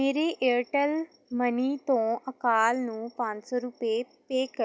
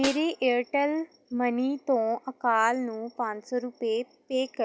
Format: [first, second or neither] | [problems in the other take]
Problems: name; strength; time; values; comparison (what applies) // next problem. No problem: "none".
first | background sound (Snare drum); 14 dB below the speech